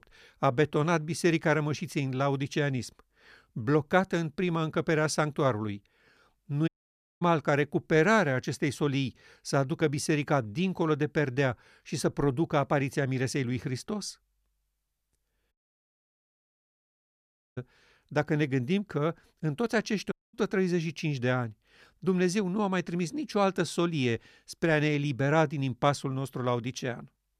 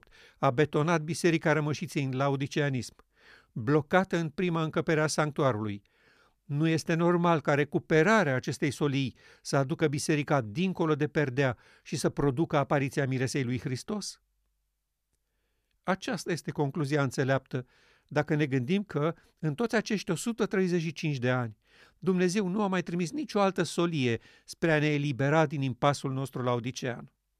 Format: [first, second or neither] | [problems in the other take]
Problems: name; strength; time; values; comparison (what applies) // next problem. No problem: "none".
second | audio cutting out; at 6.5 s for 0.5 s, at 16 s for 2 s and at 20 s